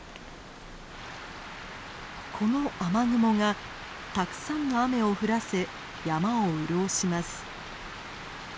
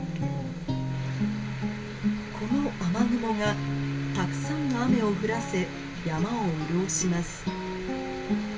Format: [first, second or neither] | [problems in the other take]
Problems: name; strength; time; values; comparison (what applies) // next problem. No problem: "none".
first | background sound (Guitar); 1 dB below the speech // room echo; dies away in 0.2 s